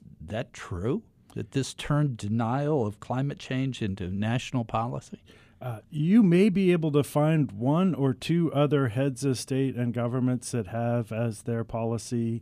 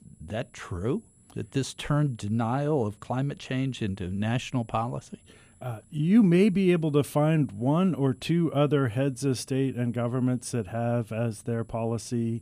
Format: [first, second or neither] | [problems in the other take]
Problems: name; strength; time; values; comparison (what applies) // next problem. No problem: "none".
first | high-pitched whine; faint; throughout; 10.5 kHz, 35 dB below the speech